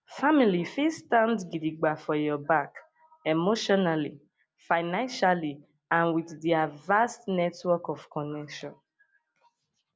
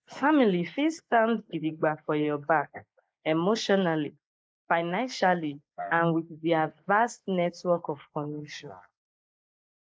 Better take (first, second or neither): first